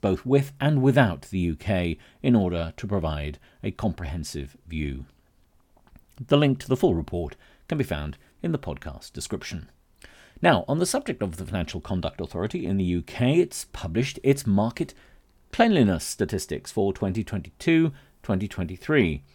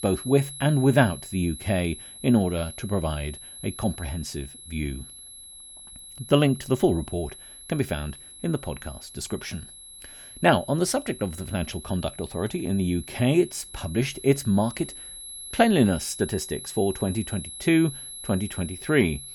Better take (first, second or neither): first